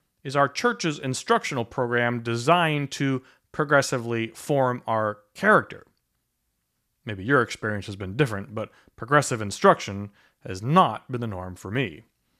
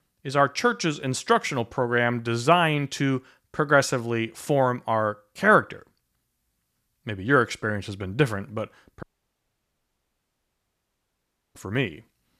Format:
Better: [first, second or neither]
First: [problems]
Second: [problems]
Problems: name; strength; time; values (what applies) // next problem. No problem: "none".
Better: first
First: none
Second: audio cutting out; at 9 s for 2.5 s